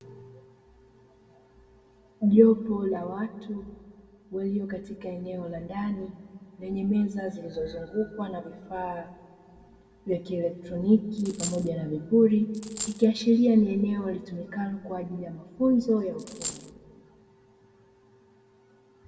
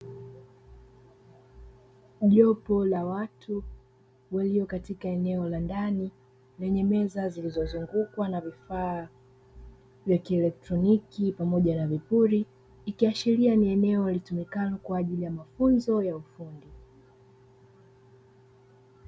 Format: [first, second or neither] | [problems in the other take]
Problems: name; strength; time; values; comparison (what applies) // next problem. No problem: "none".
second | background sound (Coin (dropping)); 10 dB below the speech // room echo; dies away in 1.3 s